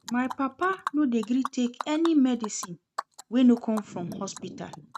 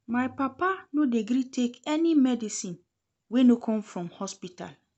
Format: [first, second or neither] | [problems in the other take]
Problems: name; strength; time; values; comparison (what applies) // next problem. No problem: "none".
second | noise reduction (neural mask model RNNoise)